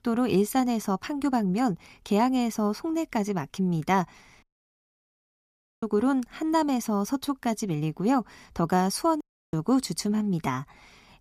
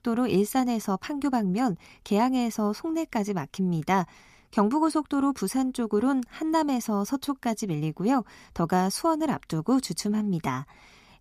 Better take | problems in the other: second | audio cutting out; at 4.5 s for 1.5 s and at 9 s

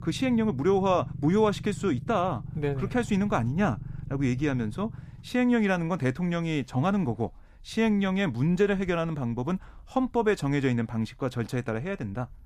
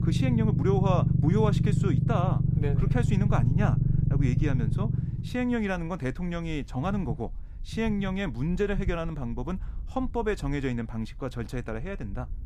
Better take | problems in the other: first | low rumble; loud; throughout; 4 dB below the speech; faint in the first

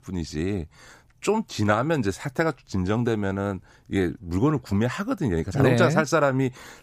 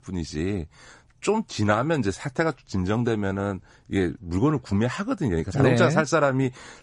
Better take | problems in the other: first | garbled, watery; slightly; nothing above 10.5 kHz

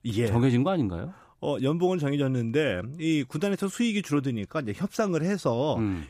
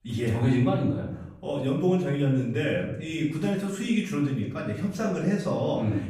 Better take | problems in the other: first | off-mic speech; far // room echo; noticeable; dies away in 0.6 s

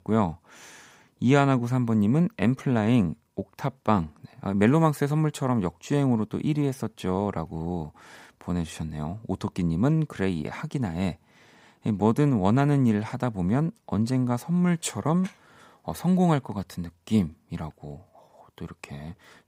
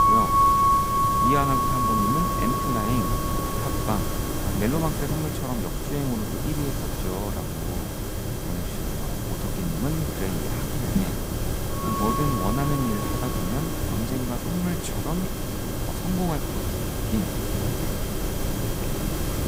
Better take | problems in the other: first | background music; very loud; throughout; 4 dB above the speech

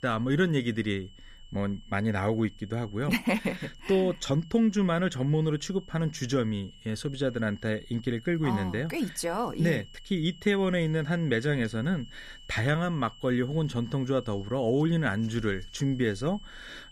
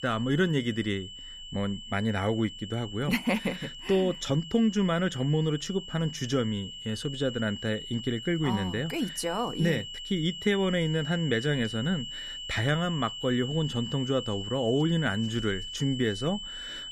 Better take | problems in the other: first | high-pitched whine; loud; throughout; 3 kHz, 9 dB below the speech; faint in the first

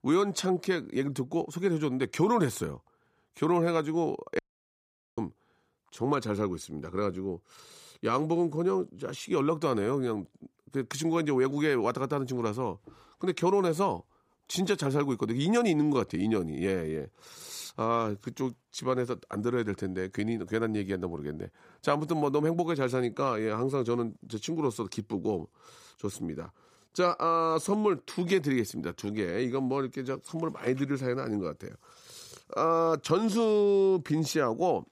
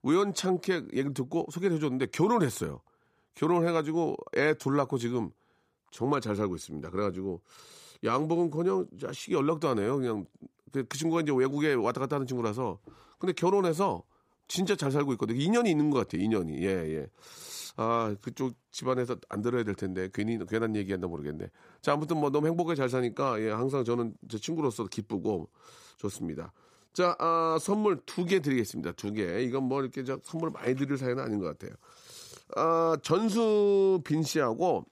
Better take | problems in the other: second | audio cutting out; at 4.5 s for 1 s

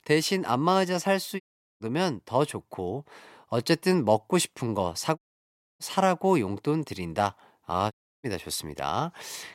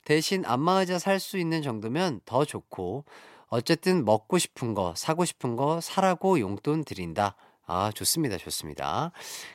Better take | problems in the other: second | audio cutting out; at 1.5 s, at 5 s for 0.5 s and at 8 s

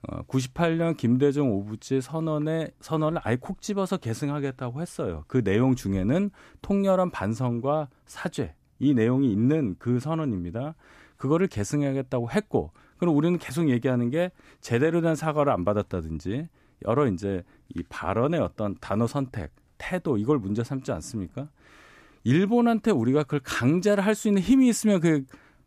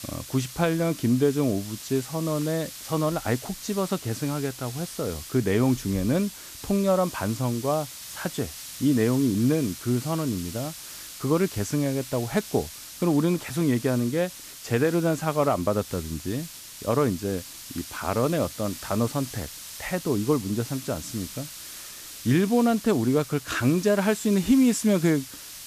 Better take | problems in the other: first | hiss; noticeable; throughout; 10 dB below the speech

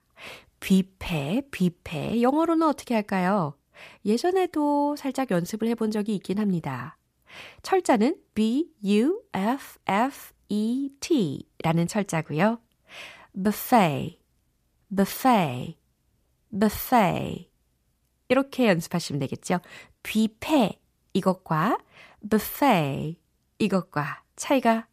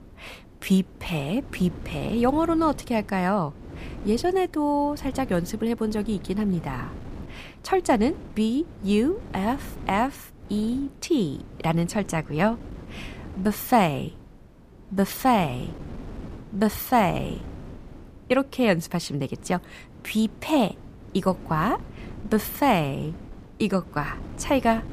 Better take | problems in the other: first | wind noise on the microphone; occasional gusts; 20 dB below the speech

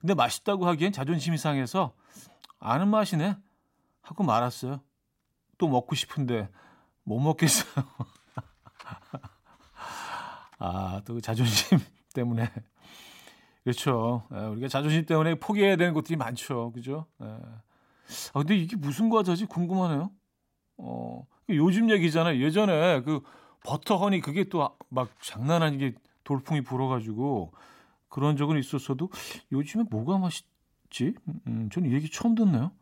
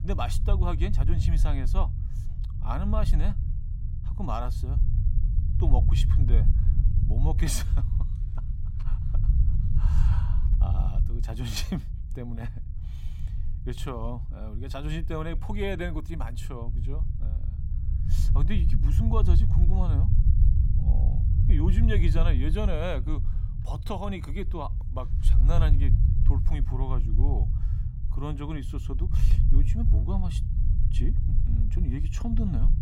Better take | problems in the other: first | low rumble; loud; throughout; 7 dB below the speech

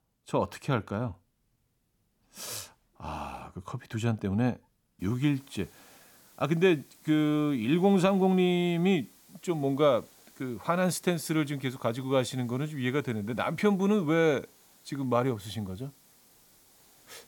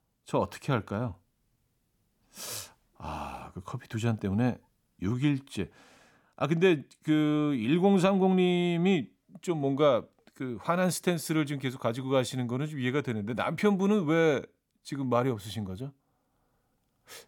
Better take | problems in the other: second | hiss; faint; from 5 s on; 30 dB below the speech

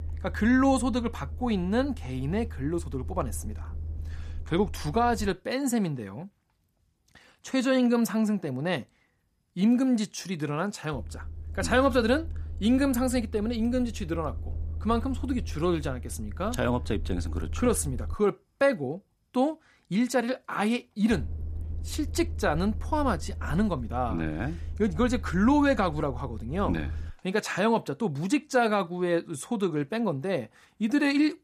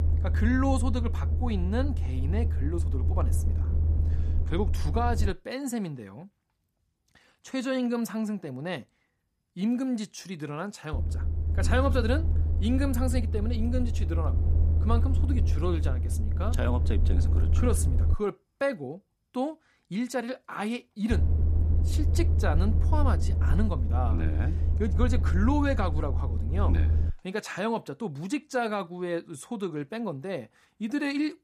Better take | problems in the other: first | low rumble; loud; until 5.5 s, from 11 to 18 s and from 21 to 27 s; 10 dB below the speech; faint in the first

